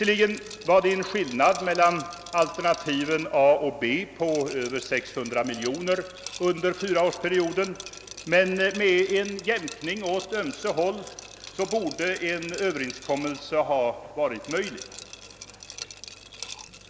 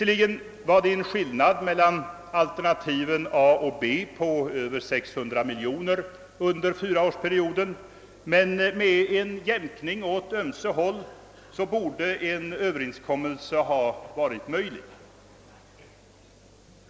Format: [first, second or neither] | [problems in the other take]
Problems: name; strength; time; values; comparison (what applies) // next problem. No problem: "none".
second | background sound (Liquid); 17 dB below the speech